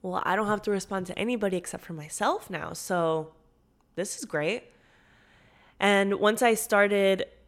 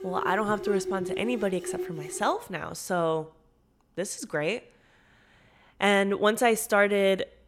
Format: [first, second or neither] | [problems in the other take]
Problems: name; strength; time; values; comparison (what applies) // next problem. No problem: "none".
first | background music; loud; until 2.5 s; 9 dB below the speech